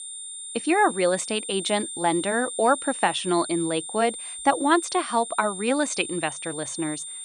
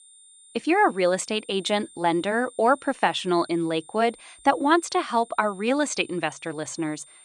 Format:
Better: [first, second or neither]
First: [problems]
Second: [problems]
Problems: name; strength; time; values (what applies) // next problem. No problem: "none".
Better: second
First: high-pitched whine; loud; throughout; 9 kHz, 8 dB below the speech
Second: high-pitched whine; faint; throughout; 9 kHz, 25 dB below the speech